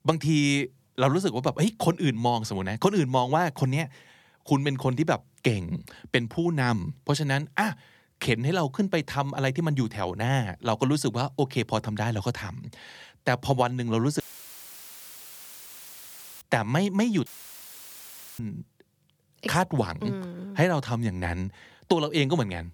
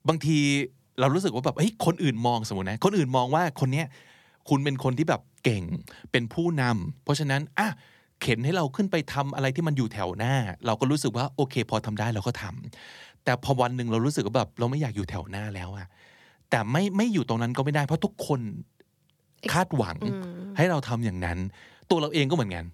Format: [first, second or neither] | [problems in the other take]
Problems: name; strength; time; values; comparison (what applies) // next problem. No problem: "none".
second | audio cutting out; filled with static; at 14 s for 2 s and at 17 s for 1 s